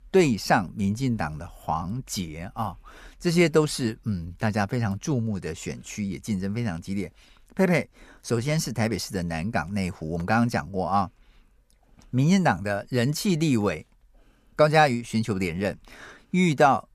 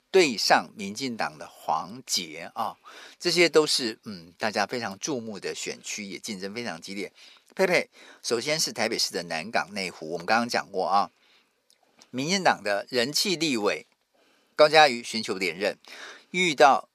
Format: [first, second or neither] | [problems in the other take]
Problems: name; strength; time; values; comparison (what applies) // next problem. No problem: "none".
first | thin; somewhat; fading below 400 Hz